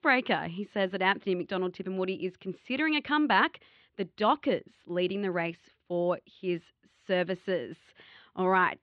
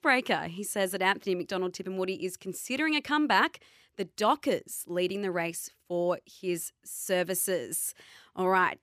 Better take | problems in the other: second | muffled; slightly; fading above 3.5 kHz

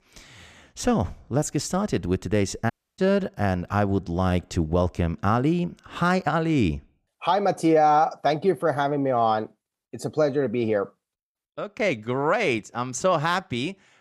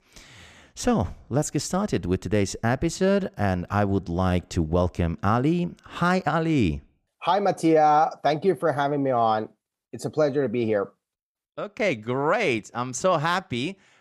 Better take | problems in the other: second | audio cutting out; at 2.5 s

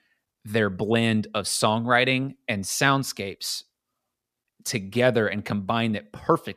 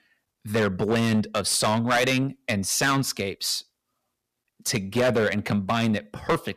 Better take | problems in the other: first | distortion; heavy; 7% of the sound clipped

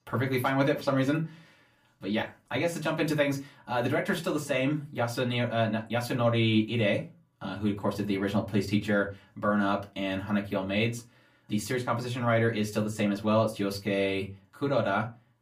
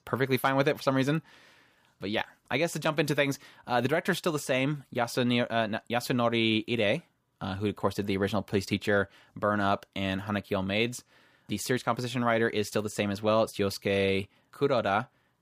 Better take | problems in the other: second | off-mic speech; far // room echo; very slight; dies away in 0.2 s

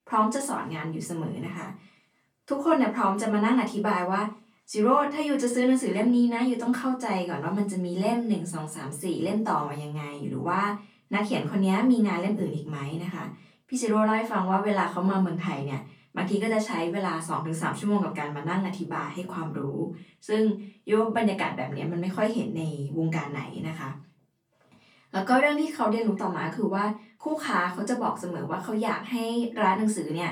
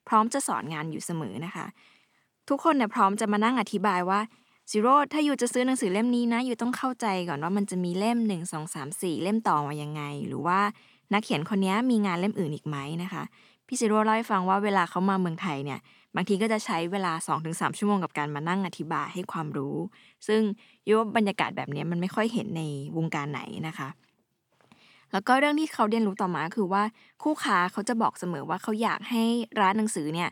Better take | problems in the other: second | off-mic speech; far // room echo; very slight; dies away in 0.3 s

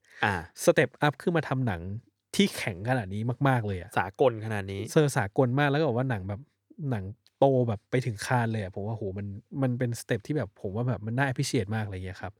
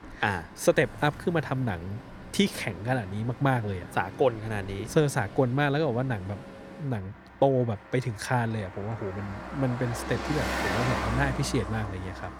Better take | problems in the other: first | traffic noise; loud; throughout; 9 dB below the speech

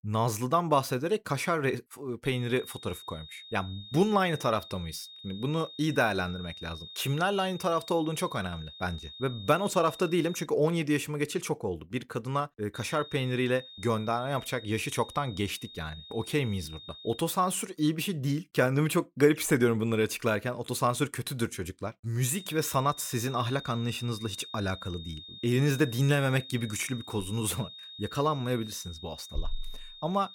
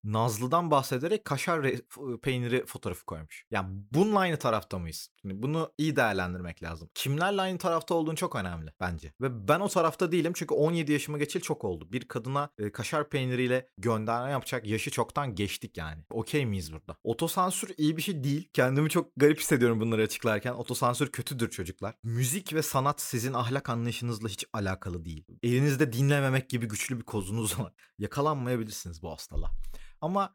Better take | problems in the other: second | high-pitched whine; noticeable; from 2.5 to 10 s, from 13 to 17 s and from 22 s on; 3.5 kHz, 15 dB below the speech

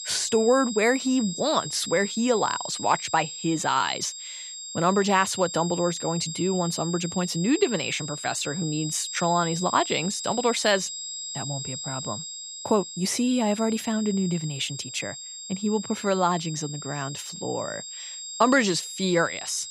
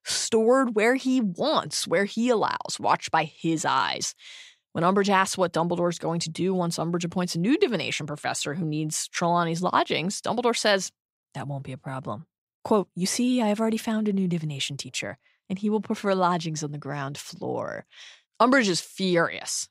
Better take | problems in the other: second | high-pitched whine; loud; throughout; 7.5 kHz, 8 dB below the speech

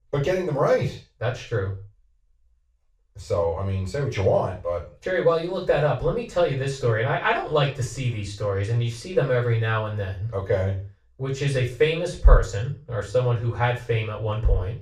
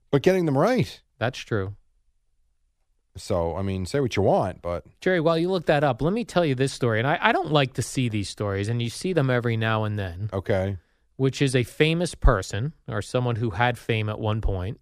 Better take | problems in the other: second | room echo; noticeable; dies away in 0.3 s // off-mic speech; far

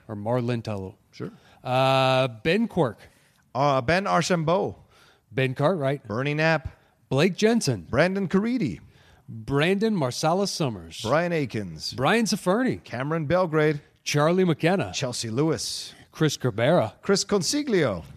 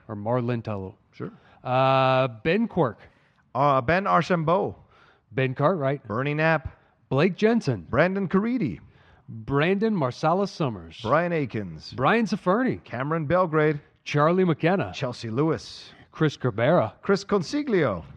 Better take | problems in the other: first | muffled; slightly; fading above 3 kHz

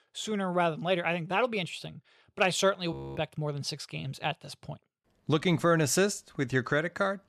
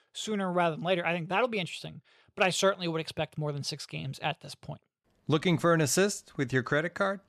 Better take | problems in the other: second | audio freezing; at 3 s

